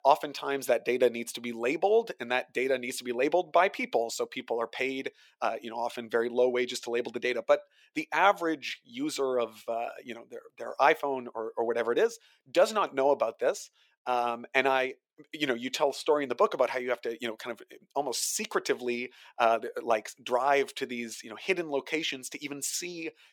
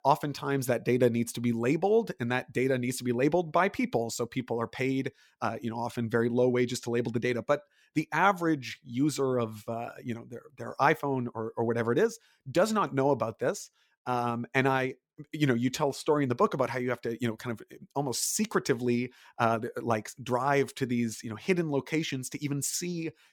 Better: second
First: thin; somewhat; fading below 400 Hz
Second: none

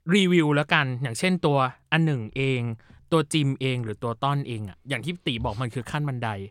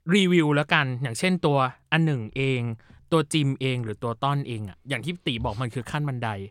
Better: neither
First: none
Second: none

